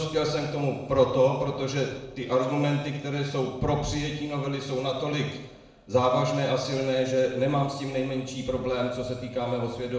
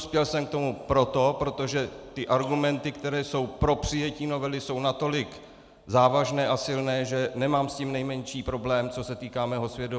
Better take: second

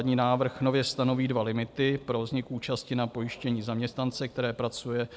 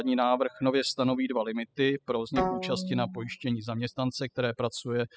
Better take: first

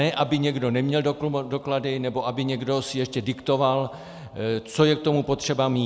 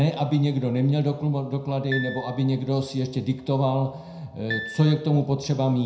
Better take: first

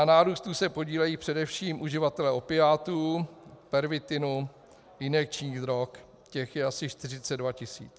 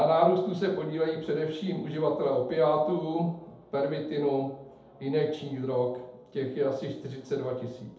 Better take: first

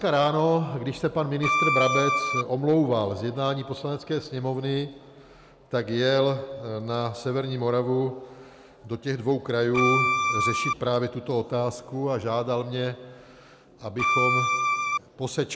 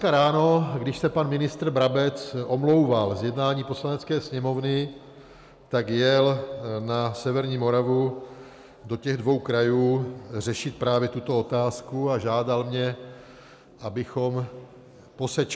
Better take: second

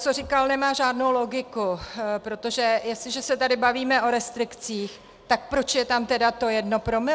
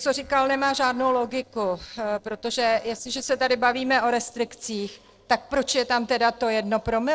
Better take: first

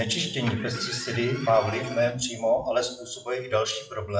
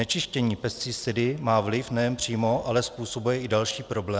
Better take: second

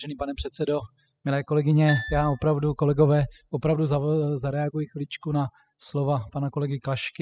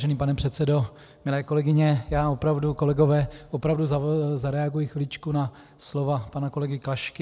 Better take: second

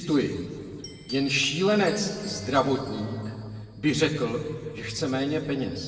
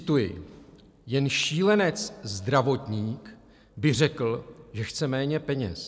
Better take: second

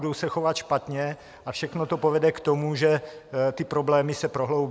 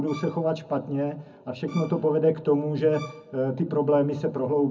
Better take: first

